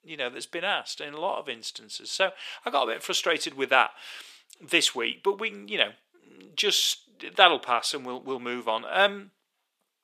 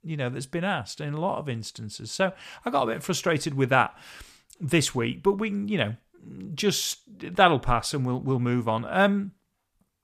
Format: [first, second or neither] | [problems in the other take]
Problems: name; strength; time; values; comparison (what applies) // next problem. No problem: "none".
second | thin; very; fading below 350 Hz